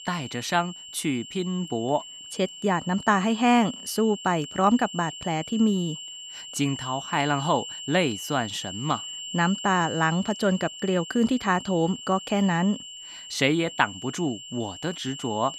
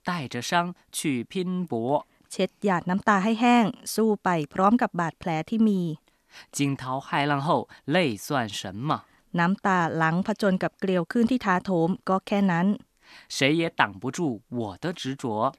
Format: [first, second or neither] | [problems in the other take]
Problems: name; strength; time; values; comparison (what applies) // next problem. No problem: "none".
second | high-pitched whine; noticeable; throughout; 3 kHz, 10 dB below the speech